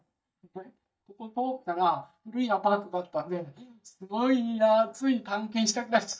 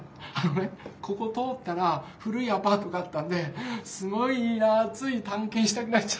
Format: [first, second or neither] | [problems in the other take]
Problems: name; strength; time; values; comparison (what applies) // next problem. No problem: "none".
second | noise reduction (neural mask model DeepFilterNet 3)